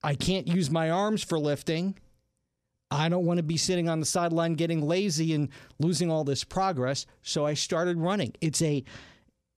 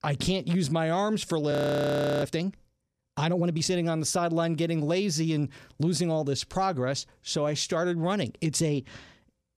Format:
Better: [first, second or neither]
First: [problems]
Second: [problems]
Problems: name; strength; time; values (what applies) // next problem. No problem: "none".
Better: first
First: none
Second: audio freezing; at 1.5 s for 0.5 s